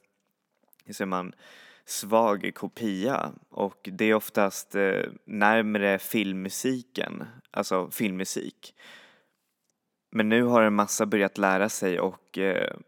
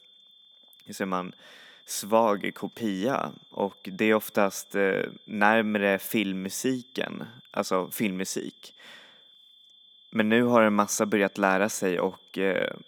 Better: first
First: none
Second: high-pitched whine; faint; throughout; 3.5 kHz, 25 dB below the speech

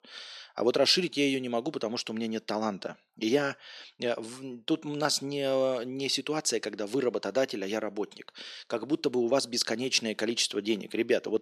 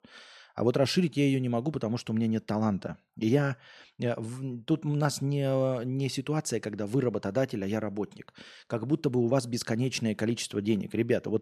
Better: second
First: thin; very slightly; fading below 350 Hz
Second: none

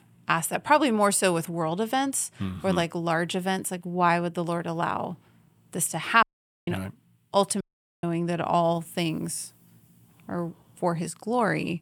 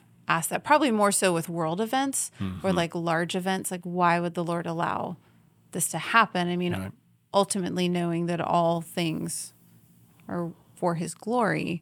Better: second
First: audio cutting out; at 6 s and at 7.5 s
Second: none

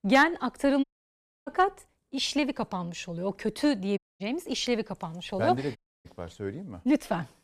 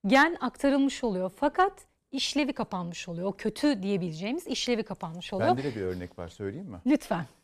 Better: second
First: audio cutting out; at 1 s for 0.5 s, at 4 s and at 6 s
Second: none

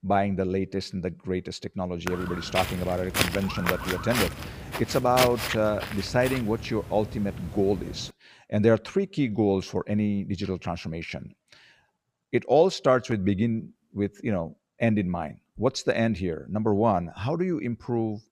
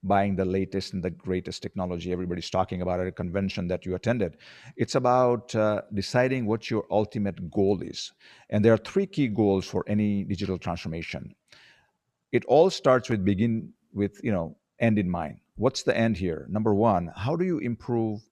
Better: second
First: footsteps; loud; from 2 to 8 s; peak 1 dB above the speech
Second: none

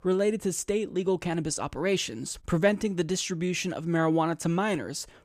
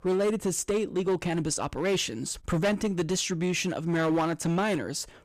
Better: first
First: none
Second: distortion; slight; 10% of the sound clipped

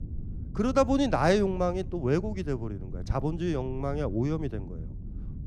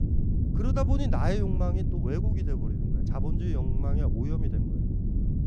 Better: first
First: low rumble; faint; throughout; 25 dB below the speech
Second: low rumble; loud; throughout; 3 dB below the speech

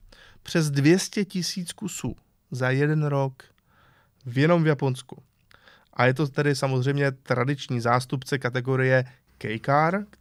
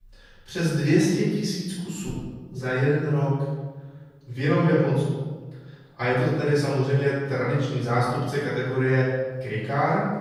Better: first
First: none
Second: off-mic speech; far // room echo; strong; dies away in 1.2 s

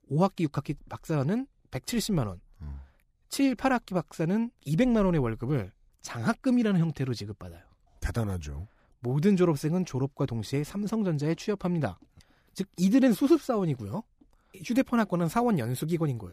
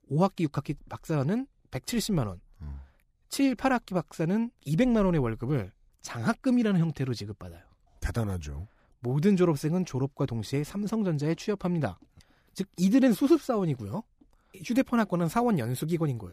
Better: neither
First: none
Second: none

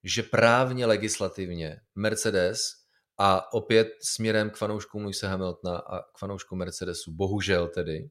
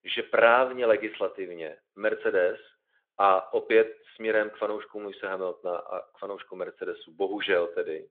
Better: first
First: none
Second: phone-call audio

